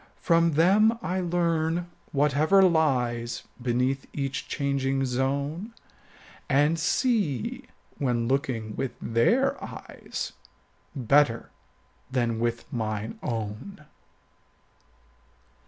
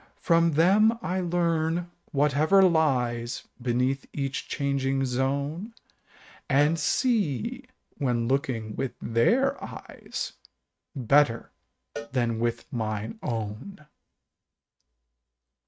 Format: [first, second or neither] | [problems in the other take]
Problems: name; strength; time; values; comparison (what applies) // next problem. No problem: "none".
first | noise reduction (neural mask model RNNoise)